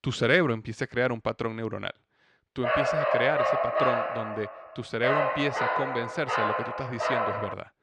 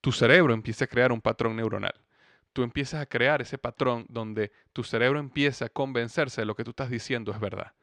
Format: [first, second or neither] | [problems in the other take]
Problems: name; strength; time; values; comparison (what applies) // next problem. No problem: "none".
second | dog barking; loud; from 2.5 s on; peak 5 dB above the speech